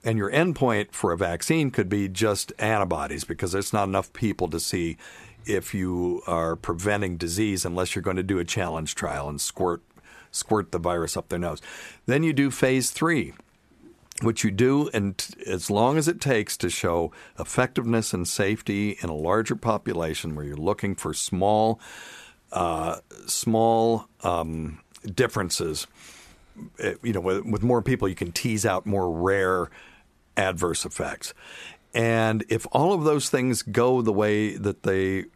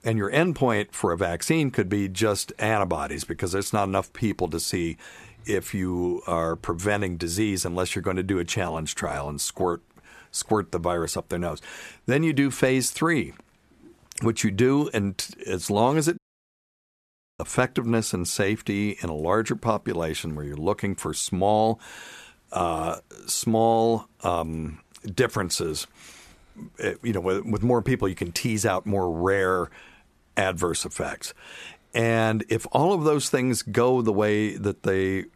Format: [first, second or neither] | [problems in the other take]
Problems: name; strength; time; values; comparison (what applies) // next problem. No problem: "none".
first | audio cutting out; at 16 s for 1 s